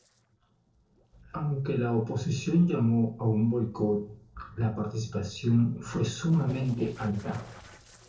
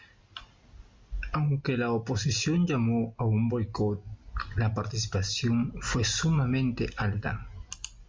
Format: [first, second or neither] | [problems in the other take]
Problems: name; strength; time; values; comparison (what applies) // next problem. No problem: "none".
second | noise reduction (neural separator model SepFormer DNS4)